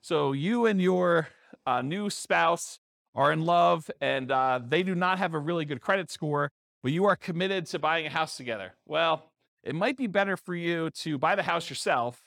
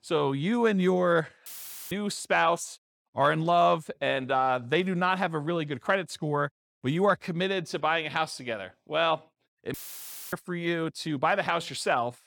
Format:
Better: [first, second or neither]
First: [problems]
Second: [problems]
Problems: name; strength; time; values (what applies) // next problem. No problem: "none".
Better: first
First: none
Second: audio cutting out; filled with static; at 1.5 s and at 9.5 s for 0.5 s